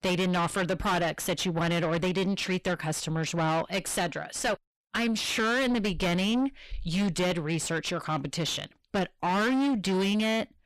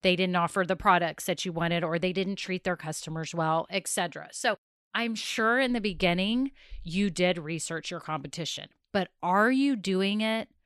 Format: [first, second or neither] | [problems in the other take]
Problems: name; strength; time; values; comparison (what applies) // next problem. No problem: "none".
second | distortion; heavy; 5 dB below the speech